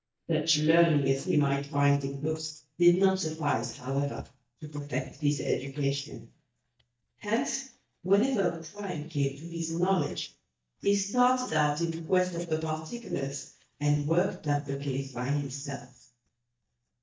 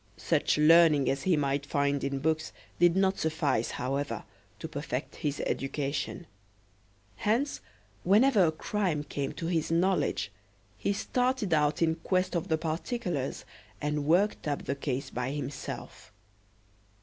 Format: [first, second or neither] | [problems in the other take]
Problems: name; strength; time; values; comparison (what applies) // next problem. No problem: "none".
second | noise reduction (neural mask model DeepFilterNet 3)